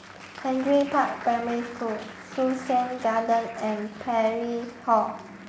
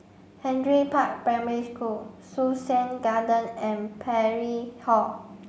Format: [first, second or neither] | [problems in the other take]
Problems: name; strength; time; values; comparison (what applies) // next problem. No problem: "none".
second | background sound (Applause); 16 dB below the speech